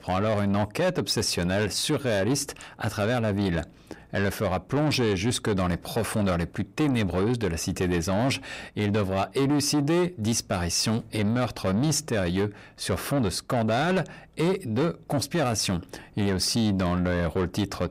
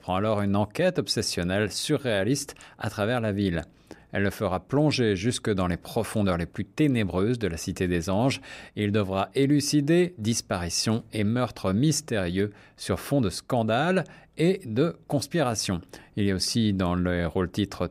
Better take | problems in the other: second | distortion; slight; 10 dB below the speech

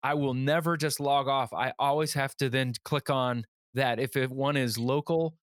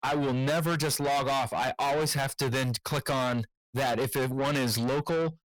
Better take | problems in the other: first | distortion; heavy; 5 dB below the speech

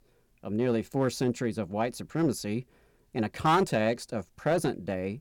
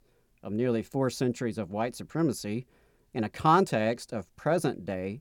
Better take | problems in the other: second | distortion; slight; 3% of the sound clipped

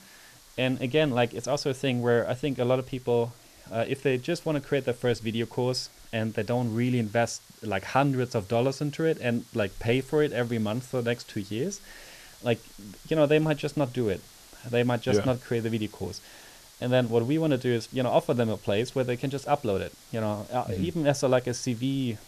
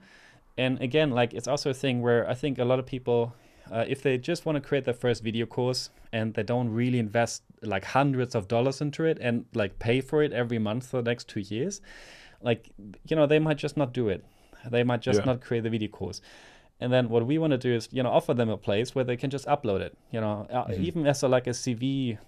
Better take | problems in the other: second | hiss; faint; throughout; 25 dB below the speech

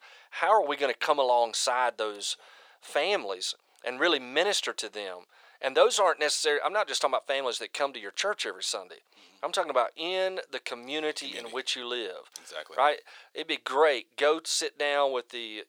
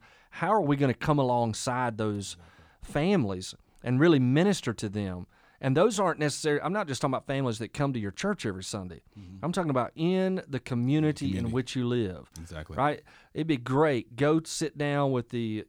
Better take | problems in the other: second | thin; very; fading below 500 Hz

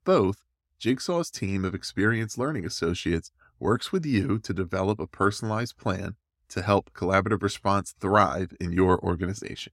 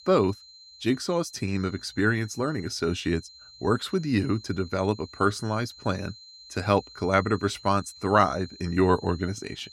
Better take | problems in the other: first | high-pitched whine; noticeable; throughout; 4 kHz, 20 dB below the speech

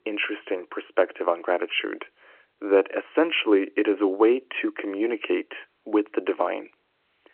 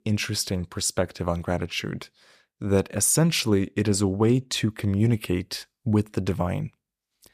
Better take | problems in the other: second | phone-call audio; nothing above 3 kHz

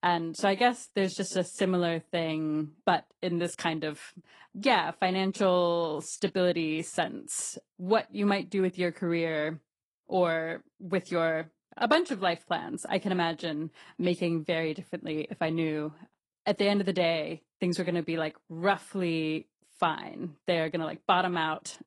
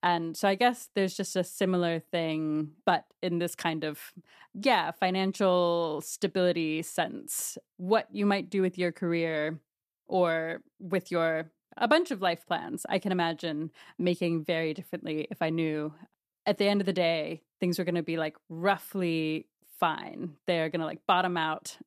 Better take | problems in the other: second | garbled, watery; slightly; nothing above 10.5 kHz

